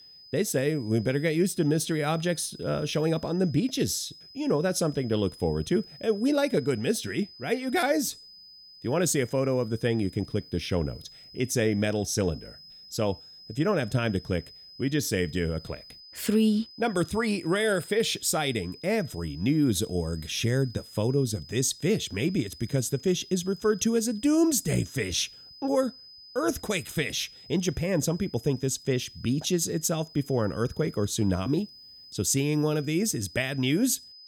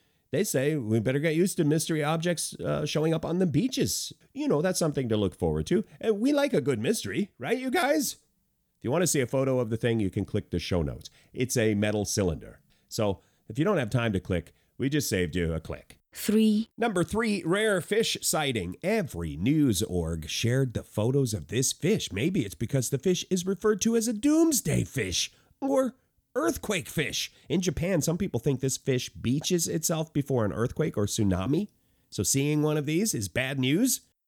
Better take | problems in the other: second | high-pitched whine; noticeable; throughout; 5 kHz, 20 dB below the speech

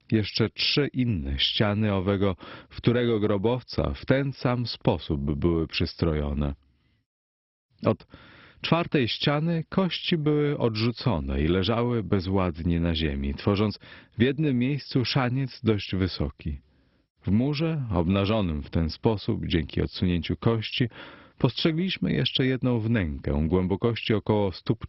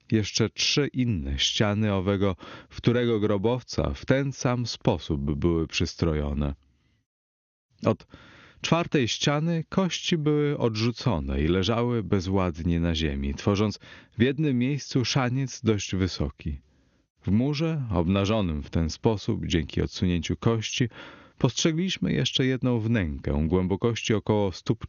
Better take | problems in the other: second | garbled, watery; badly; nothing above 5.5 kHz; slightly in the second

